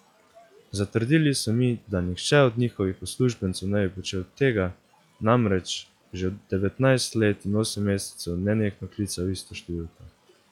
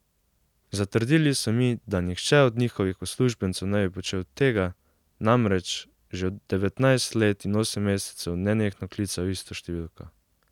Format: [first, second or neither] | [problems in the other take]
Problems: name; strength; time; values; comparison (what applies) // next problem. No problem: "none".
second | noise reduction (classical method log-MMSE)